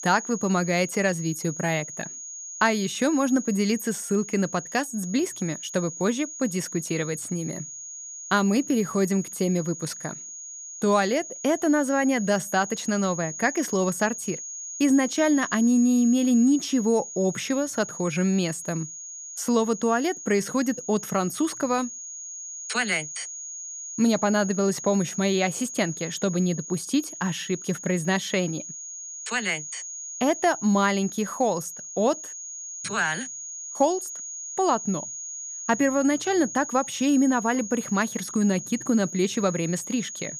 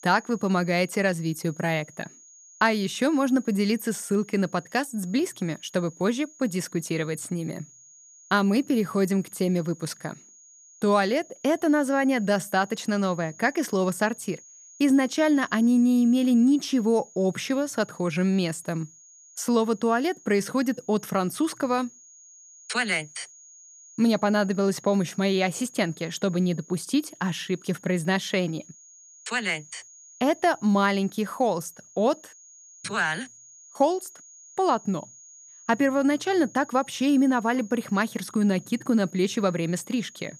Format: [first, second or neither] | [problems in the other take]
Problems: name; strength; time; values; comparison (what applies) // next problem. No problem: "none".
second | high-pitched whine; loud; throughout; 6.5 kHz, 10 dB below the speech; faint in the second